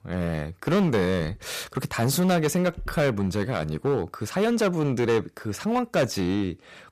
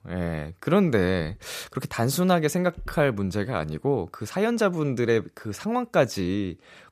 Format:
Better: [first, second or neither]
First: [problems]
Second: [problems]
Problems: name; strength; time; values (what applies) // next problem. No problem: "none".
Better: second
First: distortion; slight; 8% of the sound clipped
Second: none